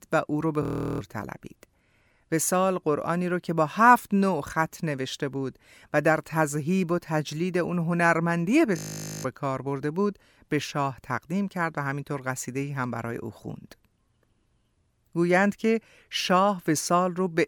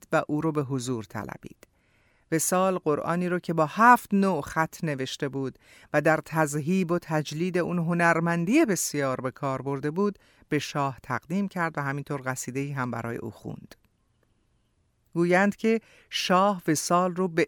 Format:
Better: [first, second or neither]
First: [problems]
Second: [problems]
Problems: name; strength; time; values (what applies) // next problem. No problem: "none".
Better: second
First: audio freezing; at 0.5 s and at 9 s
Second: none